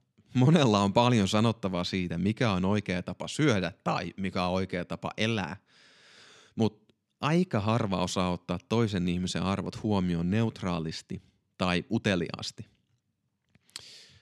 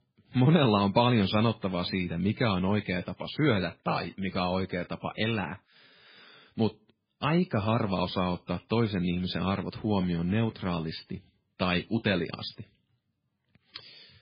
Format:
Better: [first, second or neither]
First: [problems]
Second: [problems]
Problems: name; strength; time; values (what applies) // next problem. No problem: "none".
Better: first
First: none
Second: garbled, watery; badly; nothing above 5 kHz